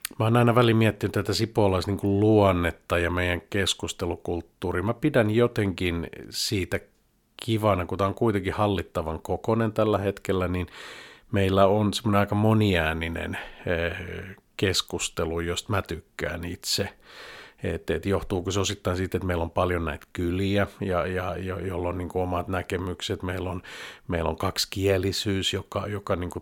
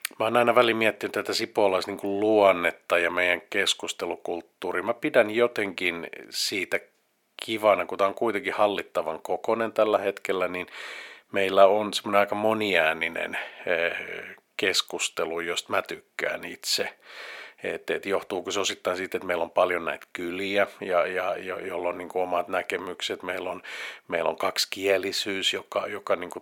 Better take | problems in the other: first | thin; somewhat; fading below 350 Hz

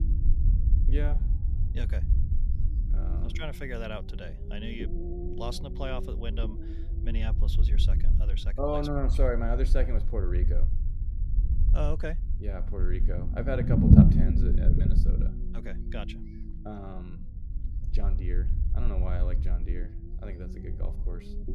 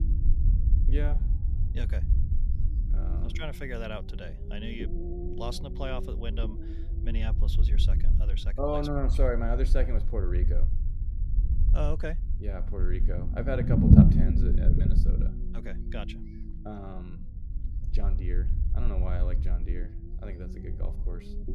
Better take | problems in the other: neither | low rumble; loud; throughout; 1 dB below the speech; the same in both

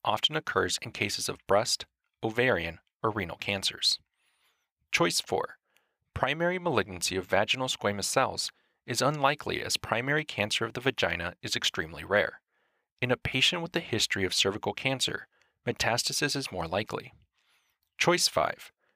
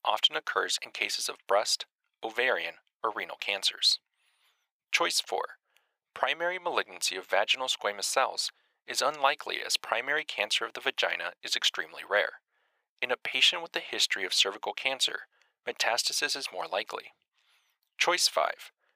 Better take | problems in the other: first | thin; very; fading below 650 Hz

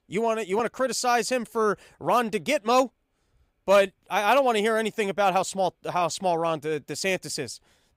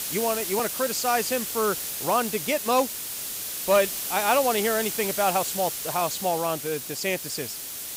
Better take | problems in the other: first | hiss; loud; throughout; 3 dB below the speech

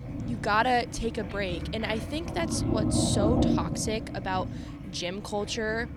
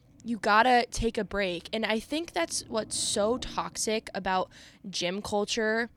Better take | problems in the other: second | household noises; loud; throughout; 1 dB below the speech; faint in the second

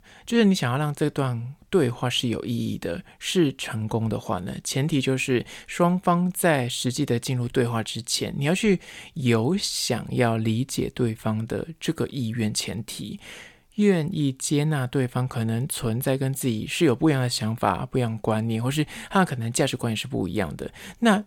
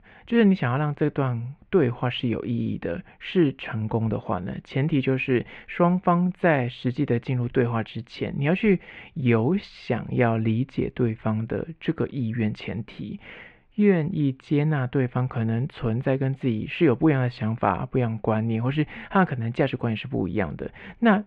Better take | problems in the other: first | muffled; very; fading above 2.5 kHz

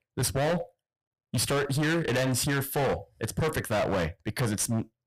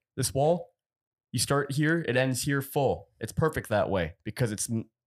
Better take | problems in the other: second | distortion; heavy; 26% of the sound clipped

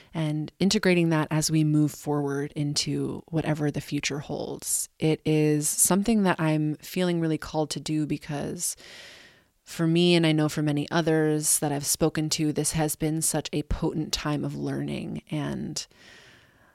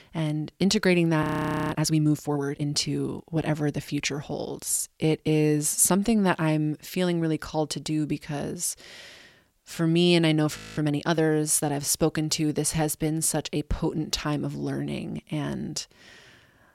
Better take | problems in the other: first | audio freezing; at 1 s and at 11 s

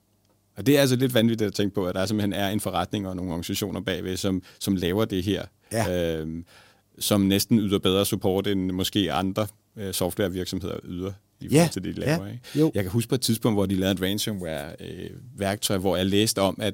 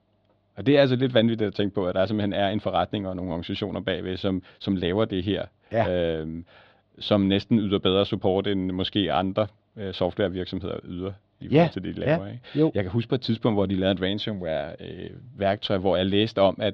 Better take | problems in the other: first | muffled; very; fading above 3.5 kHz

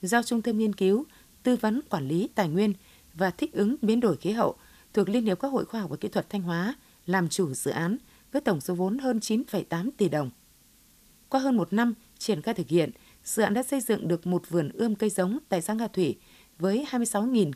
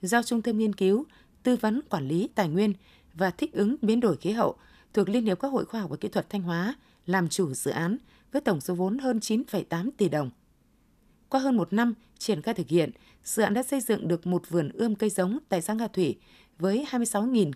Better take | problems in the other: second | hiss; faint; throughout; 30 dB below the speech

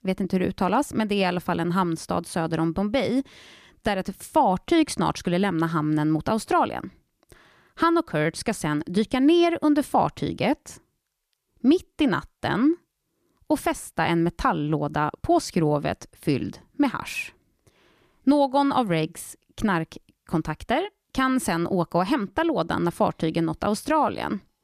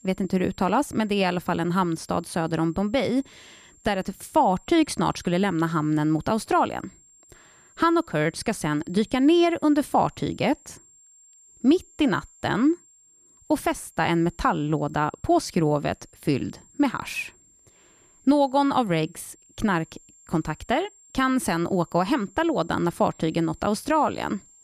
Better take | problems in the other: first | high-pitched whine; faint; throughout; 7.5 kHz, 30 dB below the speech

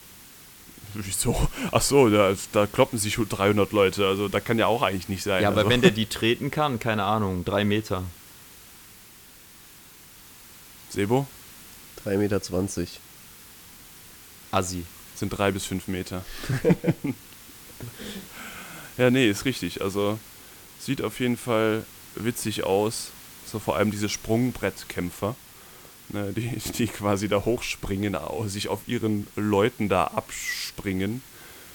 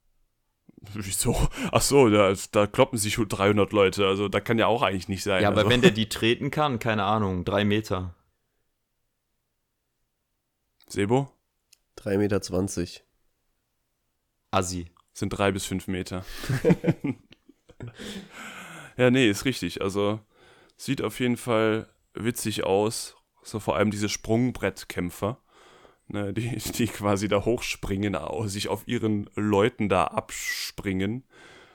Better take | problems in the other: second | hiss; noticeable; throughout; 20 dB below the speech

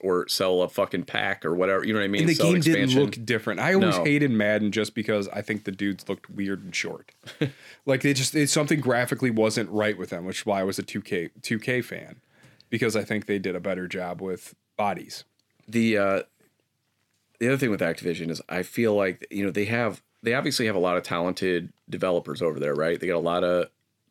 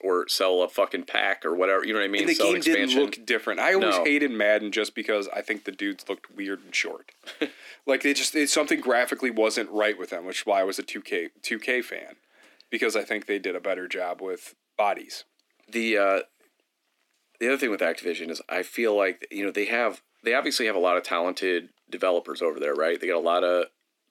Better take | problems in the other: first | thin; somewhat; fading below 250 Hz

